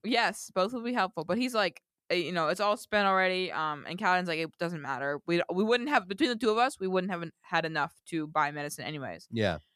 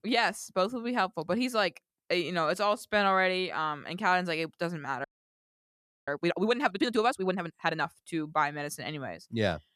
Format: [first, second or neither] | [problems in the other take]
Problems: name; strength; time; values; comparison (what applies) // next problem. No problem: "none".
first | audio freezing; at 5 s for 1 s